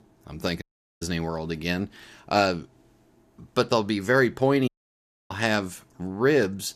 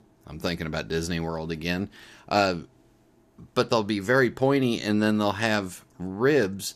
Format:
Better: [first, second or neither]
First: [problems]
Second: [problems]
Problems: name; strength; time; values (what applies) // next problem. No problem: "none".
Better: second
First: audio cutting out; at 0.5 s and at 4.5 s for 0.5 s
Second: none